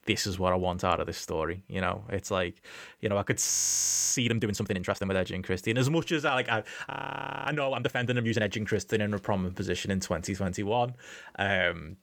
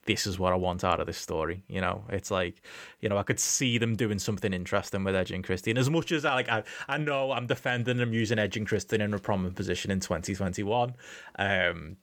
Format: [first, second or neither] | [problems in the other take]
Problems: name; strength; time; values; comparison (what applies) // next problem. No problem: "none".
second | audio freezing; at 3.5 s for 0.5 s and at 7 s for 0.5 s